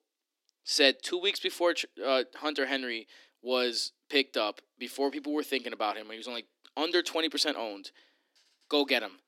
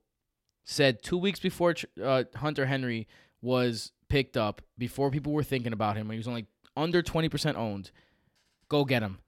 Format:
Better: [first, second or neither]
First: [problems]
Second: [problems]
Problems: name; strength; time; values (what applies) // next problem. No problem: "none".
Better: second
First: thin; very slightly; fading below 250 Hz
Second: none